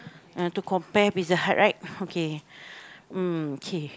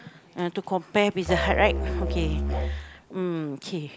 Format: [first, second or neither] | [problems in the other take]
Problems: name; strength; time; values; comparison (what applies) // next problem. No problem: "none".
first | background sound (Musical instrument); as loud as the speech